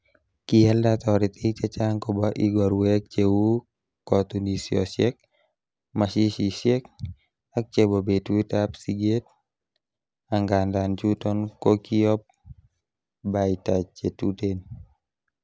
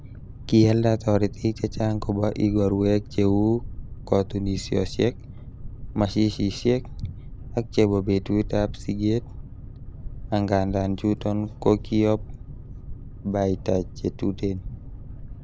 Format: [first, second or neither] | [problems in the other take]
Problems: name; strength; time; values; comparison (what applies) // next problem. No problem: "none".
first | background sound (Boat, Water vehicle); 12 dB below the speech